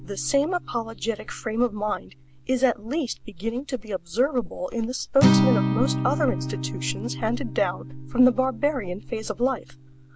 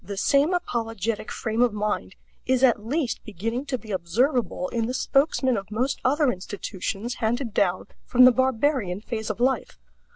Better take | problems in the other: second | background sound (Acoustic guitar); 4 dB below the speech

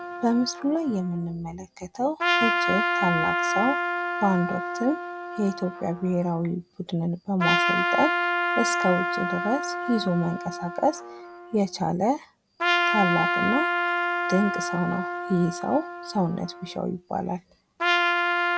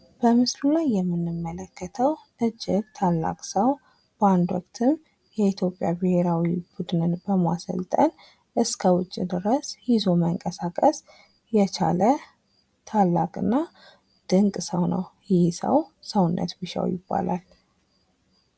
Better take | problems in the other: second | background sound (Trumpet); as loud as the speech

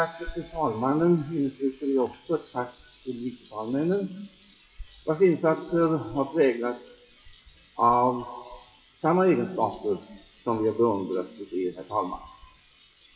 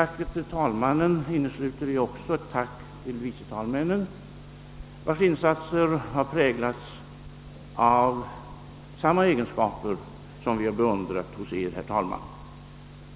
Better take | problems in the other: second | noise reduction (classical method WPE with log-MMSE)

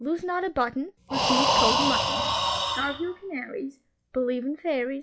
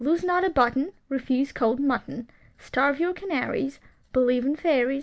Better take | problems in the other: second | noise reduction (classical method log-MMSE)

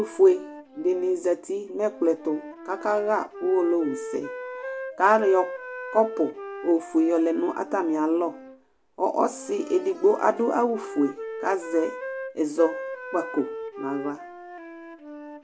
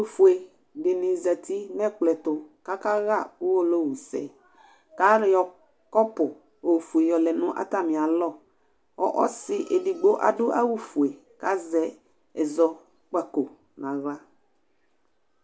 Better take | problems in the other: second | background sound (Wind instrument, woodwind instrument); 12 dB below the speech

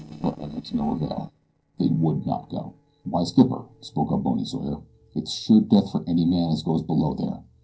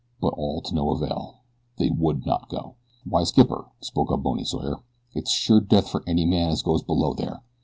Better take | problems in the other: second | noise reduction (neural separator model SepFormer DNS4)

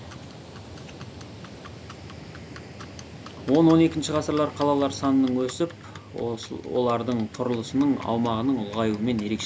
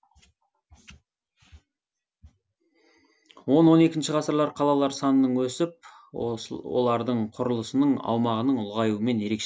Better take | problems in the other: second | background sound (Livestock, farm animals, working animals); 14 dB below the speech

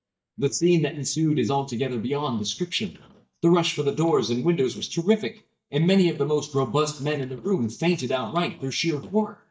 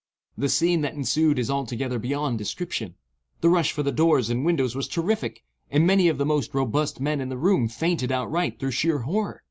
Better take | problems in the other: second | noise reduction (neural mask model DeepFilterNet 3)

